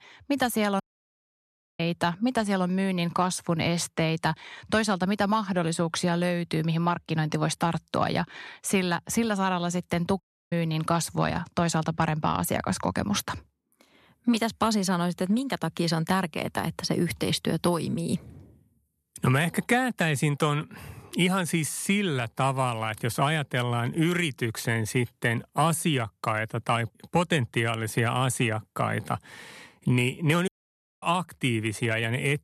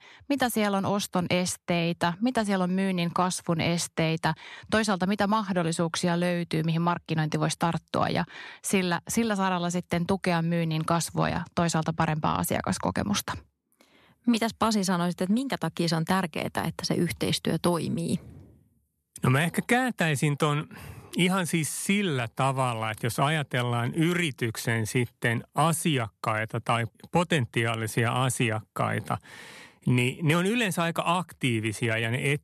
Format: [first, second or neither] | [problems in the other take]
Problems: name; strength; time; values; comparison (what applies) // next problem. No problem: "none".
second | audio cutting out; at 1 s for 1 s, at 10 s and at 30 s for 0.5 s